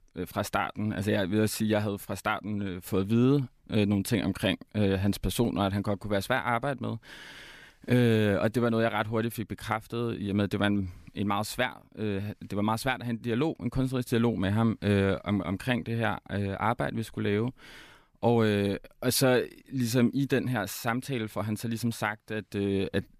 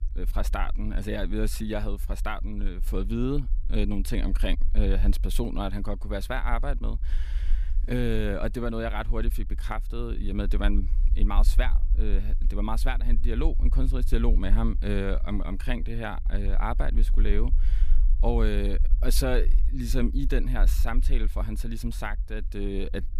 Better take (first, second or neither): first